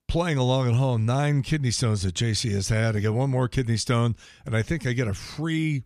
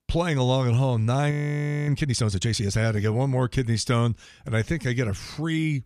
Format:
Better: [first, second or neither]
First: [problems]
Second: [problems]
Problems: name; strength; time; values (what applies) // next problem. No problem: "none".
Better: first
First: none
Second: audio freezing; at 1.5 s for 0.5 s